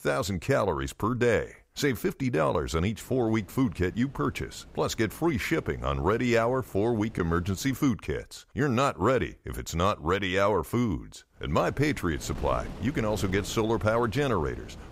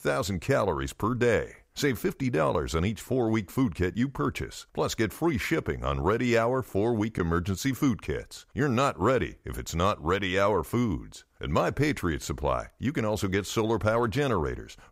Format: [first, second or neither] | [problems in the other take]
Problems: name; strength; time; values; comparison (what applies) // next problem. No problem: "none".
second | wind noise on the microphone; occasional gusts; from 3 to 8 s and from 11 s on; 20 dB below the speech